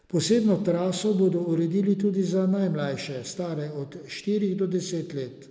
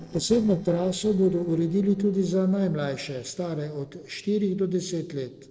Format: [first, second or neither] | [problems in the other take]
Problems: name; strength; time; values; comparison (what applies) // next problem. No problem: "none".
first | noise reduction (neural separator model SepFormer DNS4)